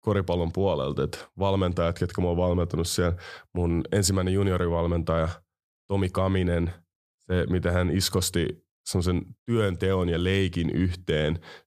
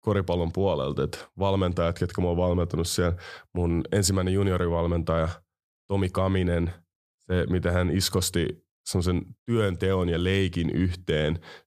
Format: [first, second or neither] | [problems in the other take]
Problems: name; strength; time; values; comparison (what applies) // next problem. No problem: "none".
neither | none